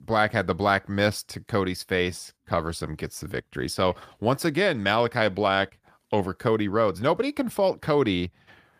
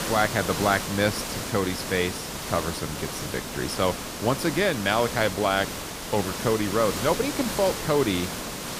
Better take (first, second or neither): first